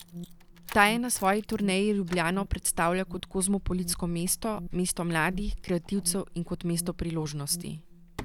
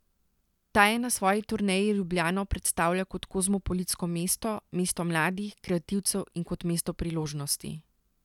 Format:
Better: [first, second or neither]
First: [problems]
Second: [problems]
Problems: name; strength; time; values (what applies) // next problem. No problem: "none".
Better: second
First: background sound (Alarm + Keys jangling); 12 dB below the speech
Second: none